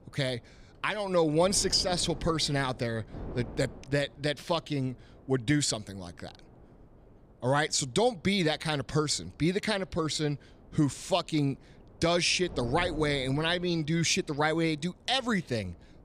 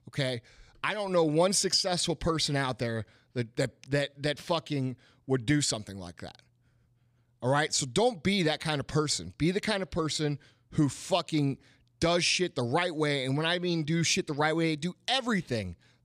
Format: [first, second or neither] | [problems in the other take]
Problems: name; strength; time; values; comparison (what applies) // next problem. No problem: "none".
second | wind noise on the microphone; occasional gusts; 25 dB below the speech